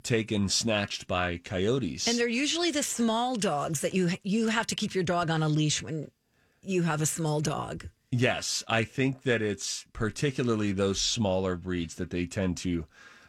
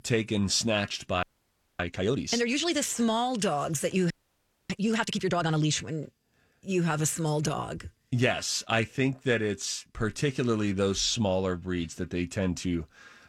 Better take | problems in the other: first | audio freezing; at 1 s for 0.5 s and at 4 s for 0.5 s

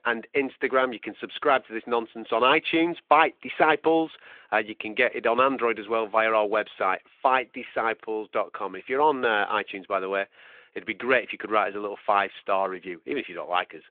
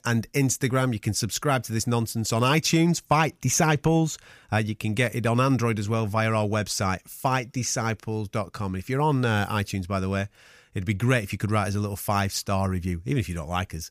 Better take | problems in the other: second | phone-call audio; nothing above 3.5 kHz

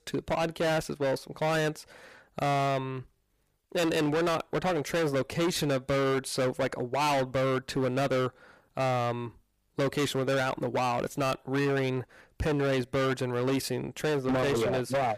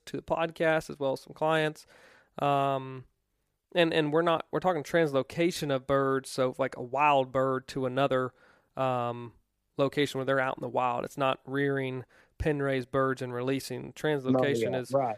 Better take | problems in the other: second | distortion; heavy; 22% of the sound clipped

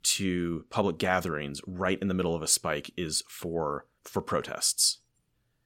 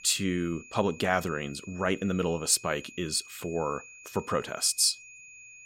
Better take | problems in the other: first | high-pitched whine; noticeable; throughout; 2.5 kHz, 20 dB below the speech

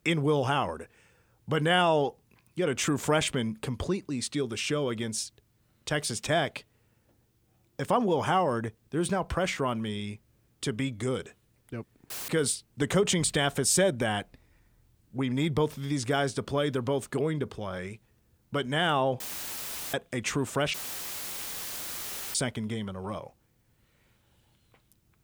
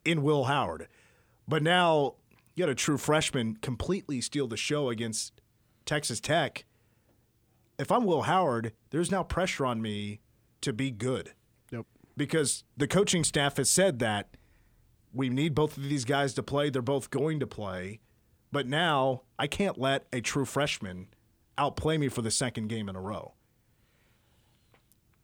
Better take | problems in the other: second | audio cutting out; filled with static; at 12 s, at 19 s for 0.5 s and at 21 s for 1.5 s

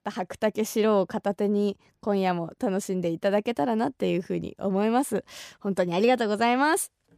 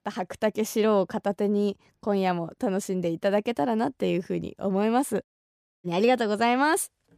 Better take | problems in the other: first | audio cutting out; at 5 s for 0.5 s

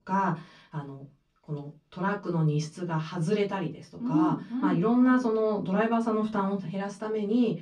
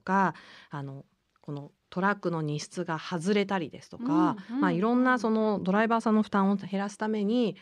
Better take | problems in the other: second | off-mic speech; far // room echo; very slight; dies away in 0.2 s

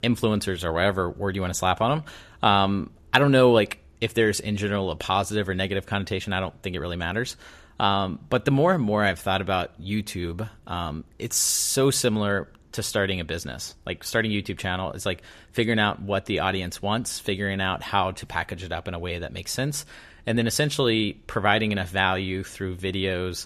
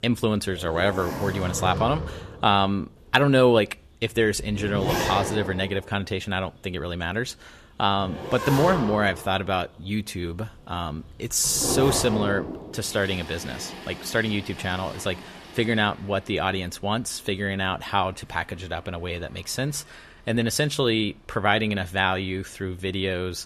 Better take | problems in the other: first | household noises; loud; throughout; 7 dB below the speech

